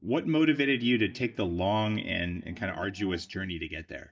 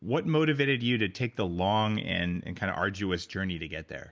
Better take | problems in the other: second | noise reduction (neural mask model DeepFilterNet 3)

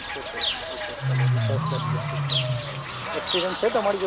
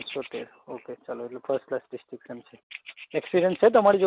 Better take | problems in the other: second | background sound (Bird / Fowl); 4 dB above the speech

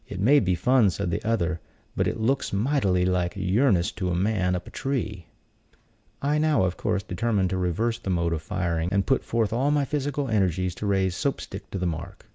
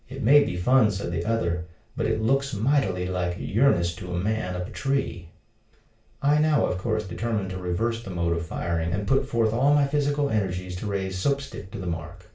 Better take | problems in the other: first | room echo; dies away in 0.3 s

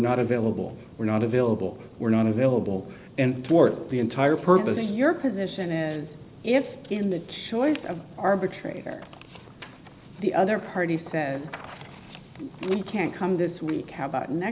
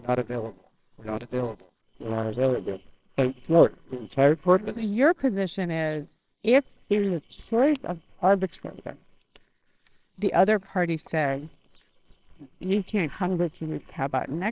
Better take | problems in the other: first | noise reduction (neural separator model SepFormer WHAMR!)

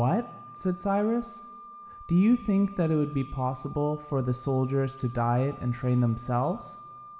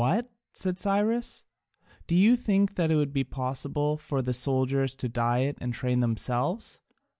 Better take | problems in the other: second | background sound (Wind instrument, woodwind instrument); 18 dB below the speech // room echo; dies away in 1.3 s

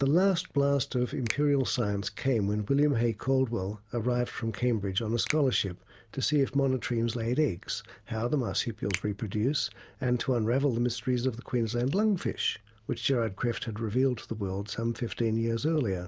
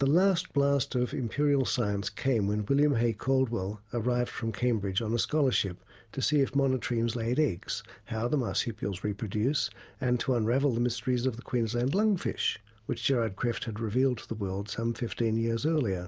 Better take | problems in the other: second | background sound (Finger snapping); 18 dB below the speech

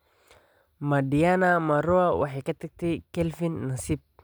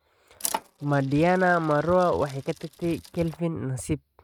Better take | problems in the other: first | noise reduction (neural mask model RNNoise)

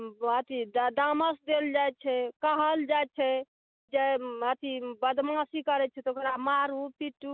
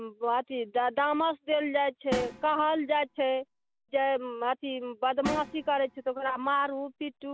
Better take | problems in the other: first | background sound (Snare drum); 12 dB below the speech

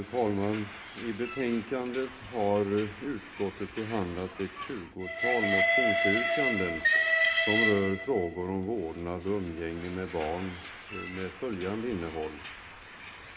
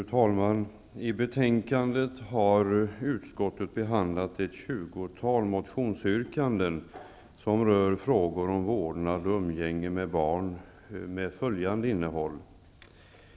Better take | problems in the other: second | background sound (Train); as loud as the speech // room echo; dies away in 0.3 s

